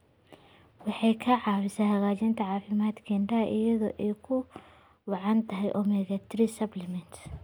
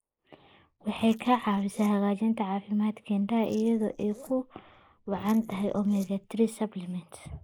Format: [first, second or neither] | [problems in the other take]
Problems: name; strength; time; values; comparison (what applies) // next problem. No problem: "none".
first | noise reduction (neural mask model Resemble Enhance denoiser)